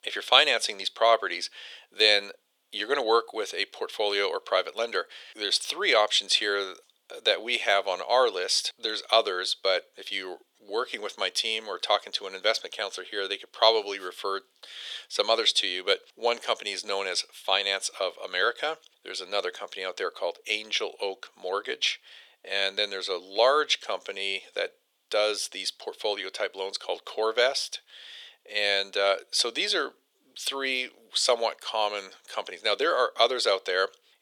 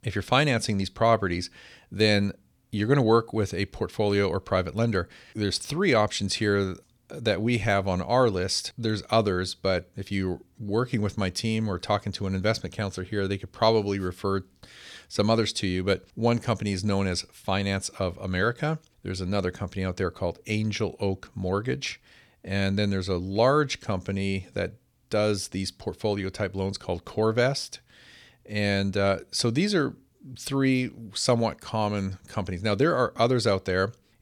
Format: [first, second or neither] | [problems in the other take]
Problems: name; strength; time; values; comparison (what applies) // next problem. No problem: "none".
second | thin; very; fading below 450 Hz